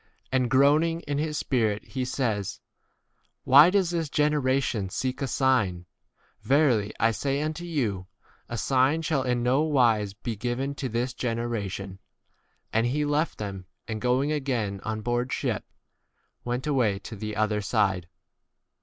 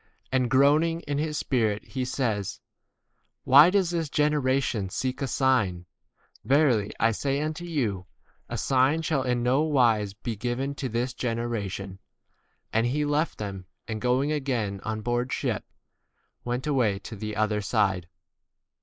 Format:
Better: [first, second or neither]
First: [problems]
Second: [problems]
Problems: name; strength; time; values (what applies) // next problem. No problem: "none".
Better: first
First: none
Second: noise reduction (neural mask model Resemble Enhance denoiser)